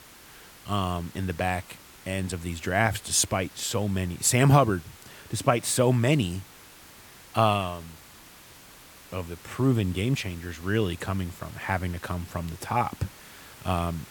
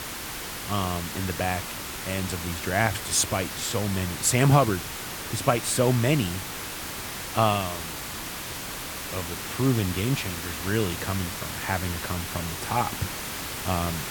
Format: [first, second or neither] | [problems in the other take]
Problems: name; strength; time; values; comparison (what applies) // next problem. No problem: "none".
first | hiss; loud; throughout; 6 dB below the speech; faint in the first